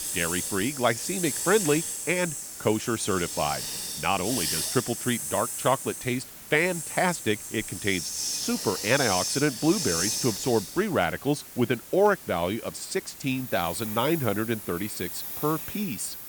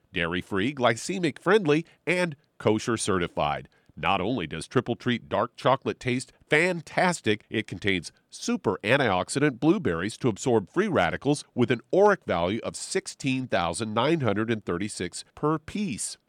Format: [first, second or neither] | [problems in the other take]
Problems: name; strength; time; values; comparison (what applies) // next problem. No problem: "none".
second | hiss; loud; throughout; 3 dB below the speech